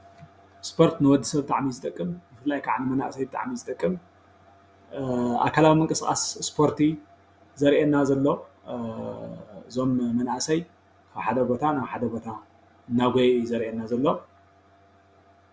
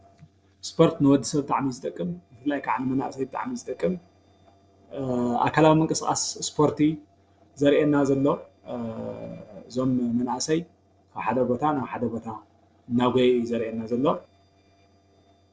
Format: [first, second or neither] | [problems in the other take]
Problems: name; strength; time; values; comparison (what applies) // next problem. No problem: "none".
first | noise reduction (neural separator model SepFormer DNS4)